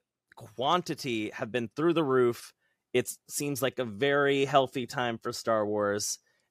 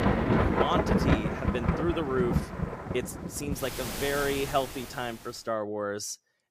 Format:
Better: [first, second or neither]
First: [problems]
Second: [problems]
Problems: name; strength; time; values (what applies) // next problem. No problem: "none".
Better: first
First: none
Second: rain or running water; very loud; until 5 s; 3 dB above the speech